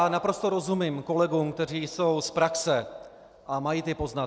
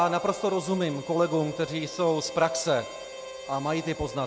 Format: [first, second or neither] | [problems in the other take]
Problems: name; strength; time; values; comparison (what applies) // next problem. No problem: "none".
first | background sound (Harmonica); 14 dB below the speech